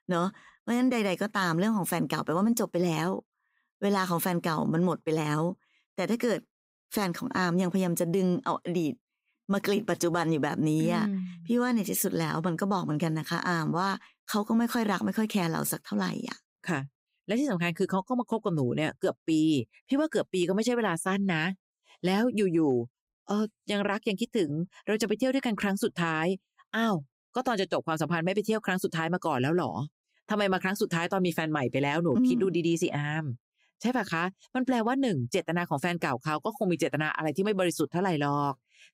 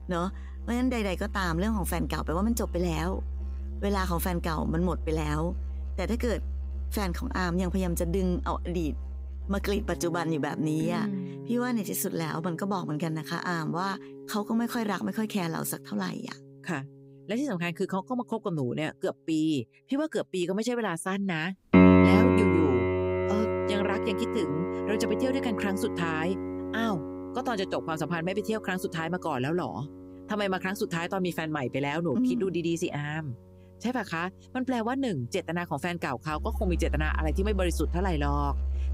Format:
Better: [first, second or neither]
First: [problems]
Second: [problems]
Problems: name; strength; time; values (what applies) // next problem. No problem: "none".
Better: first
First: none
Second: background music; very loud; throughout; as loud as the speech